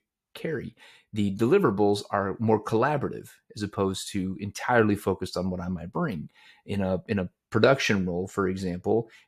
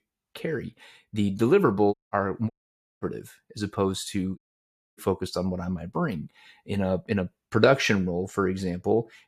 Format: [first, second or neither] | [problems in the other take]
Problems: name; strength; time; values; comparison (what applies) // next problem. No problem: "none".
first | audio cutting out; at 2 s, at 2.5 s for 0.5 s and at 4.5 s for 0.5 s